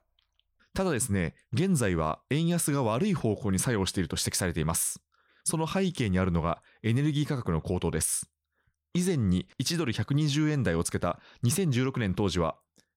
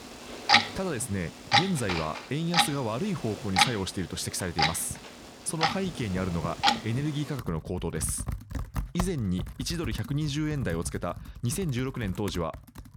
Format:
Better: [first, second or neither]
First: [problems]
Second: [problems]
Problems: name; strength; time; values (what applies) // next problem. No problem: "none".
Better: first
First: none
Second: household noises; very loud; throughout; 3 dB above the speech